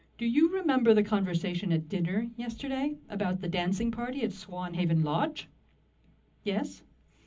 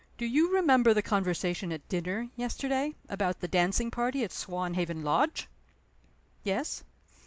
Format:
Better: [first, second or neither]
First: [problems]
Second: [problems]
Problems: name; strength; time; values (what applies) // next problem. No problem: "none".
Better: second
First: room echo; dies away in 0.4 s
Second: none